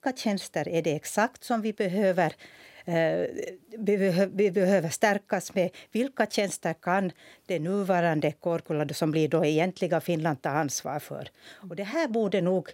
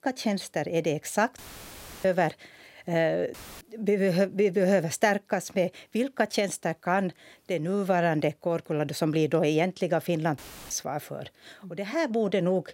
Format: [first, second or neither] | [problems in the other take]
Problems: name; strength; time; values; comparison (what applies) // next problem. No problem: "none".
first | audio cutting out; filled with static; at 1.5 s for 0.5 s, at 3.5 s and at 10 s